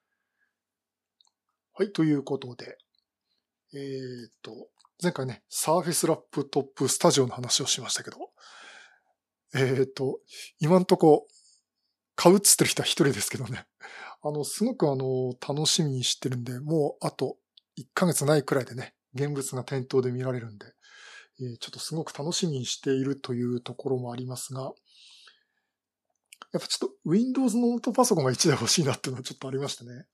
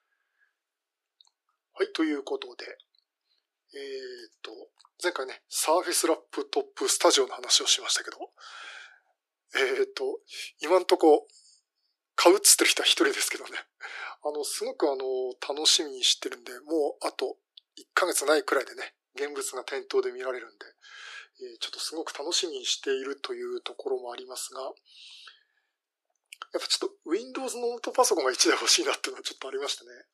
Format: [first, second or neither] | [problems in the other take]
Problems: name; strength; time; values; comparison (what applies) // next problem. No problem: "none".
first | thin; very; fading below 300 Hz